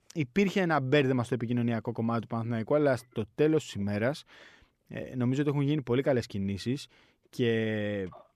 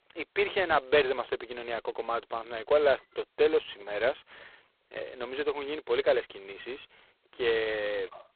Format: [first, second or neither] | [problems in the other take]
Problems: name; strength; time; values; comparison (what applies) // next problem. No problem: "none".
first | phone-call audio; poor line; nothing above 4 kHz